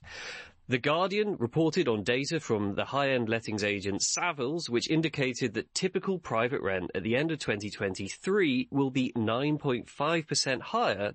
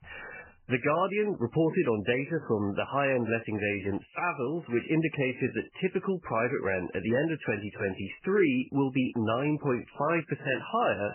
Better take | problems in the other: first | garbled, watery; badly; nothing above 3 kHz; slightly in the first

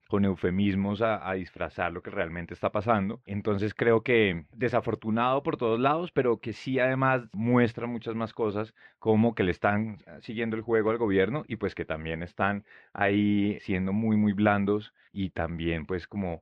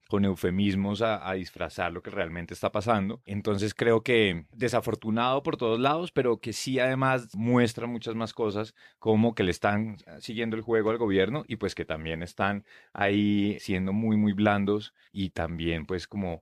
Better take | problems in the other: second | muffled; slightly; fading above 2 kHz

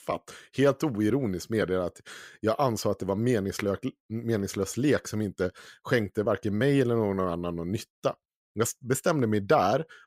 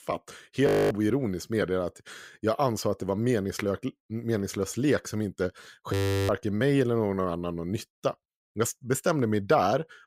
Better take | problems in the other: first | audio freezing; at 0.5 s and at 6 s

